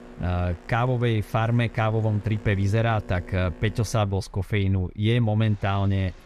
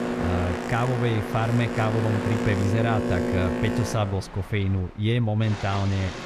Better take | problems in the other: first | train or aircraft noise; loud; throughout; 3 dB below the speech; faint in the first

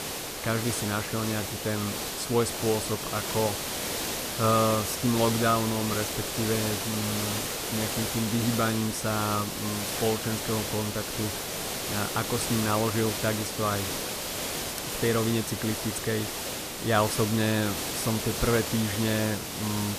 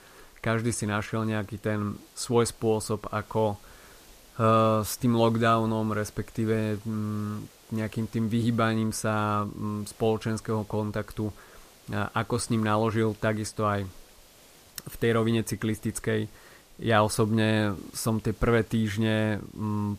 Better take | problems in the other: second | hiss; loud; throughout; 2 dB below the speech; faint in the second

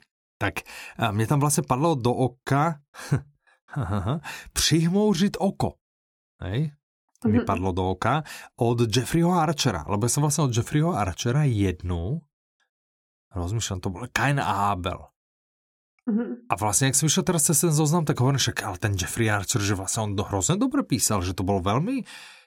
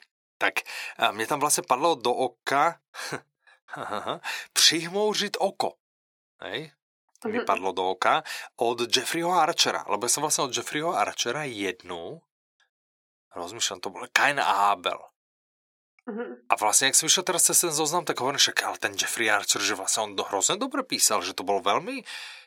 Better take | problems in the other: first | thin; very; fading below 550 Hz

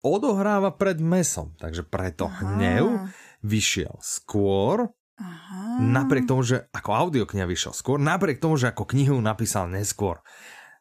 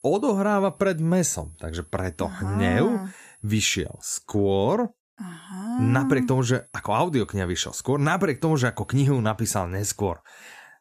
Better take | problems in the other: first | high-pitched whine; faint; until 4 s and from 5 to 9 s; 10.5 kHz, 30 dB below the speech

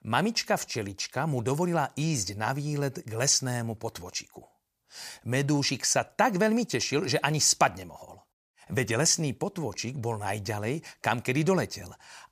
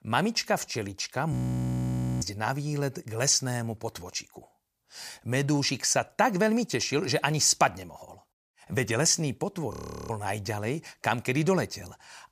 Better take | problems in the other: first | audio freezing; at 1.5 s for 1 s and at 9.5 s

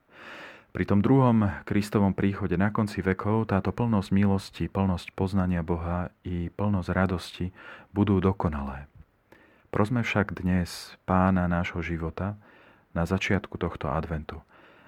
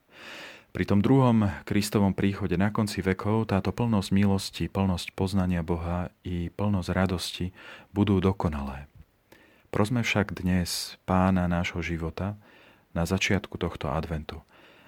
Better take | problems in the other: second | muffled; slightly; fading above 2.5 kHz

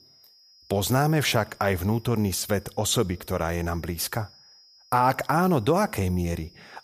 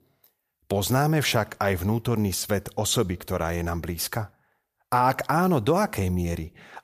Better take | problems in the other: second | high-pitched whine; faint; throughout; 5 kHz, 25 dB below the speech

